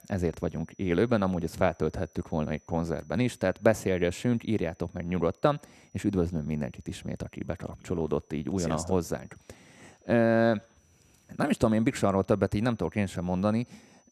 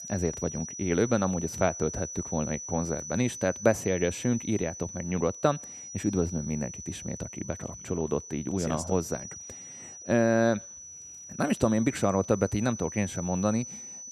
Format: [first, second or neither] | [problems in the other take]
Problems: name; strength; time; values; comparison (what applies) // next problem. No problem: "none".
first | high-pitched whine; loud; throughout; 6 kHz, 10 dB below the speech; faint in the first